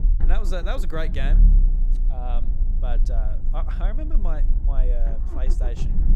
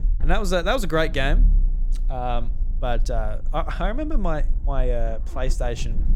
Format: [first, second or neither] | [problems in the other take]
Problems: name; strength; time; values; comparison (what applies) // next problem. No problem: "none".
second | low rumble; loud; throughout; 9 dB below the speech; faint in the second